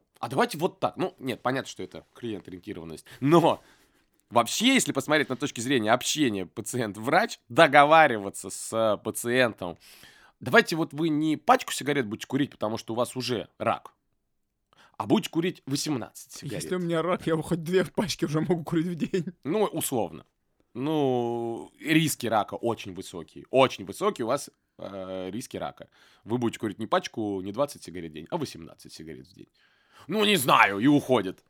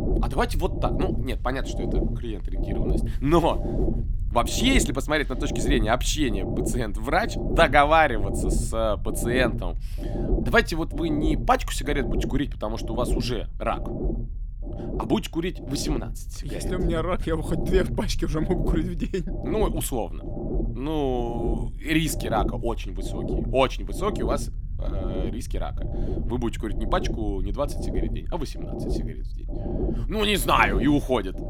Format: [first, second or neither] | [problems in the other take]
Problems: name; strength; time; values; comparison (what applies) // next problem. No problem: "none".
first | low rumble; noticeable; throughout; 10 dB below the speech